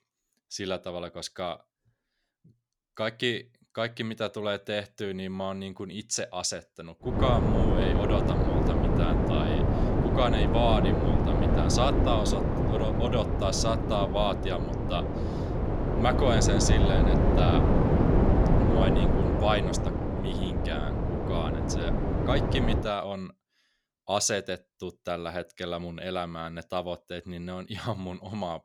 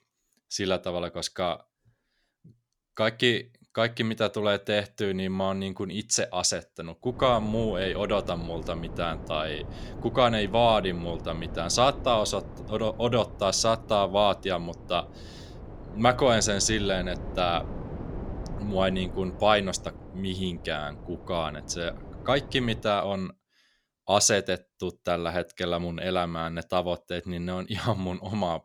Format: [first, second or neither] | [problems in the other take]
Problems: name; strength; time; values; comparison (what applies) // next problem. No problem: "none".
second | wind noise on the microphone; heavy; from 7 to 23 s; as loud as the speech; occasional gusts in the second